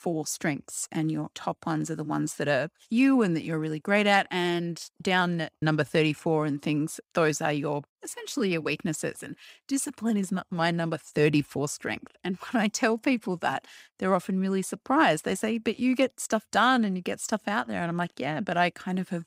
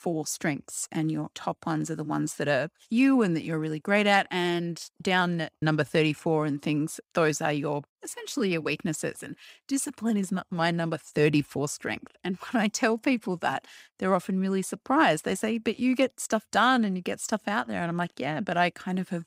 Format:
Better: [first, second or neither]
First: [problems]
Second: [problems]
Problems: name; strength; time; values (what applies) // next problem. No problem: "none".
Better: neither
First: none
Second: none